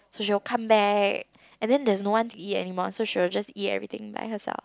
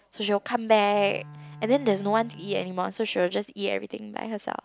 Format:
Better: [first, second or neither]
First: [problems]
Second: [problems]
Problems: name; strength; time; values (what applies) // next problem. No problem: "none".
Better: first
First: none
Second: background sound (Bowed string instrument); 18 dB below the speech